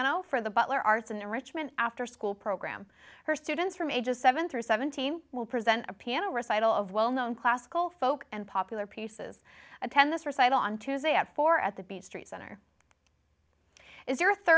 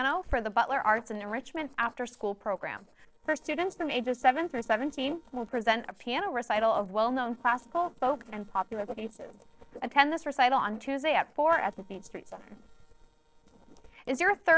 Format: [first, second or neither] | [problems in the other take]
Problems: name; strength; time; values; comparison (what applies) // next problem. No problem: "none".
first | noise reduction (neural separator model SepFormer DNS4)